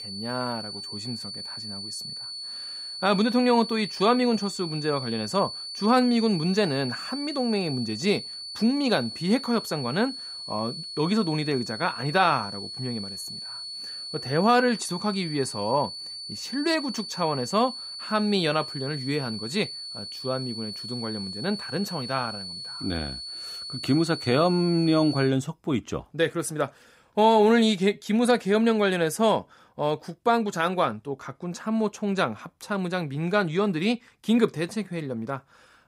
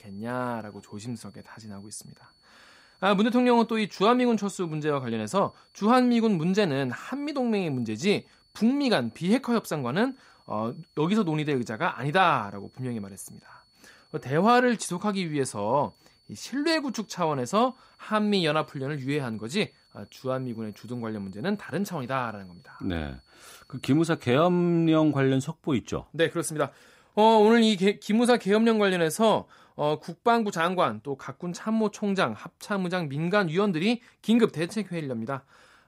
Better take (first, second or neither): second